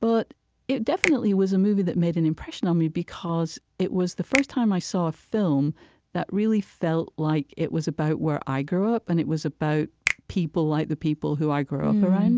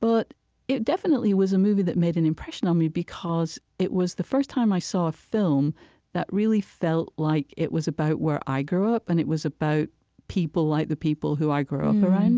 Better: second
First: background sound (Finger snapping); 12 dB below the speech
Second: none

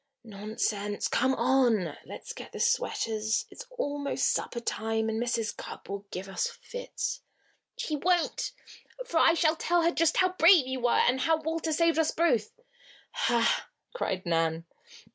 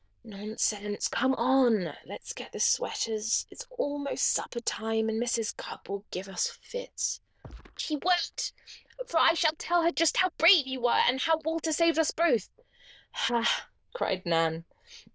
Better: first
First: none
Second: noise reduction (neural diffusion model UNIVERSE++)

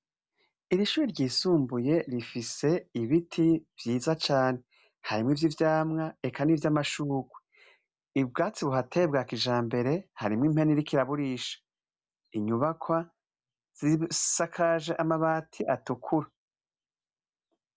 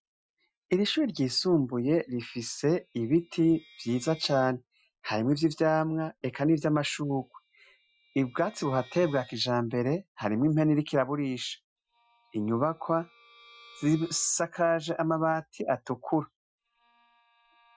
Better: first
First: none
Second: noise reduction (classical method Wiener filter)

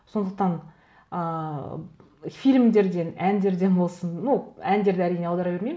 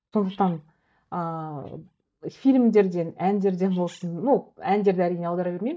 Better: first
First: none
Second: noise reduction (neural mask model DeepFilterNet 3)

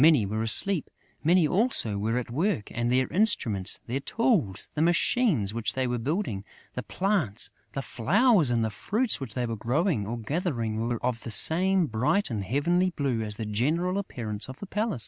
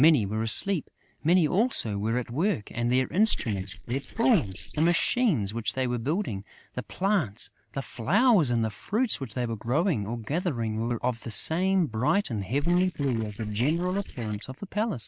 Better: first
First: none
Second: noise reduction (neural mask model Resemble Enhance denoiser)

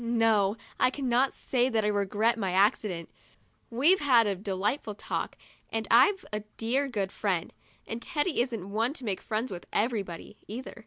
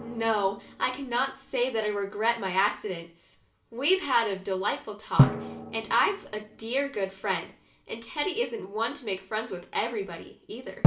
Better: first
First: none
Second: background sound (Drum); 2 dB below the speech // room echo; dies away in 0.4 s

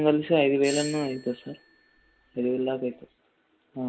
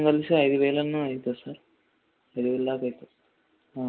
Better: second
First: background sound (Doorbell); 16 dB below the speech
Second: none

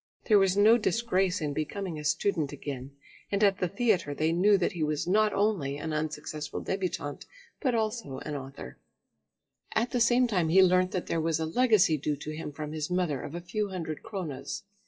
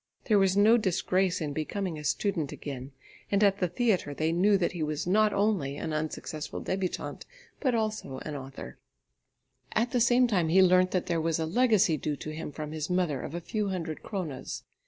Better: second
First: noise reduction (classical method WPE with log-MMSE)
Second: none

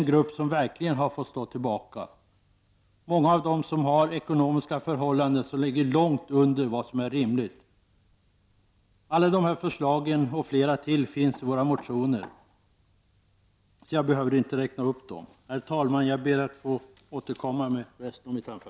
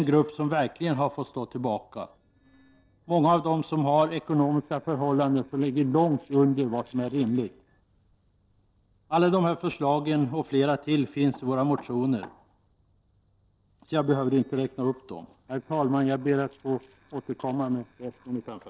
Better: first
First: none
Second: noise reduction (neural separator model SepFormer DNS4)

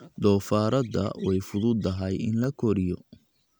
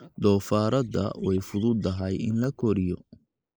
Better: first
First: none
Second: noise reduction (neural mask model Resemble Enhance denoiser)

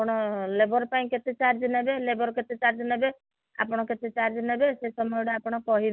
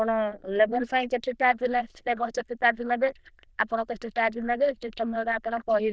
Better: first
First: none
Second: noise reduction (neural diffusion model UNIVERSE++)

